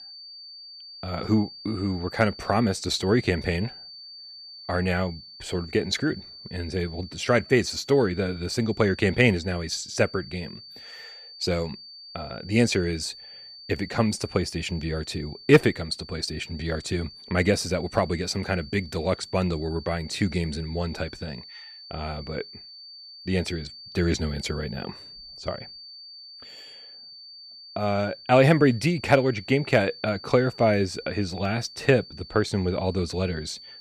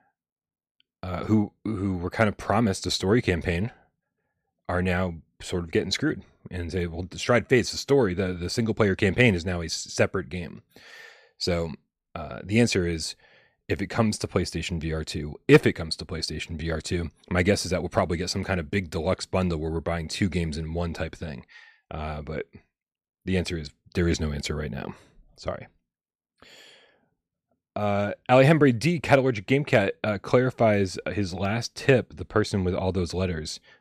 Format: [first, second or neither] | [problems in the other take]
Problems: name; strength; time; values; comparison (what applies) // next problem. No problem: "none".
second | high-pitched whine; noticeable; throughout; 4.5 kHz, 15 dB below the speech